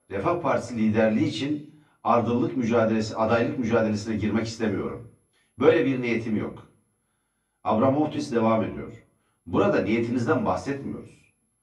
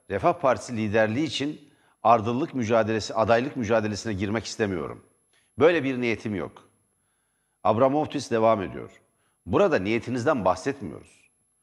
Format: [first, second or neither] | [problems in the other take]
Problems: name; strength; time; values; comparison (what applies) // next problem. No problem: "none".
second | off-mic speech; far // room echo; very slight; dies away in 0.3 s